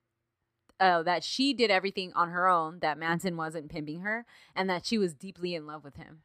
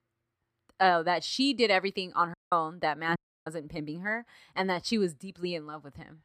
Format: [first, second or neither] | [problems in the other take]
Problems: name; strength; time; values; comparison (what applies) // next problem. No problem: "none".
first | audio cutting out; at 2.5 s and at 3 s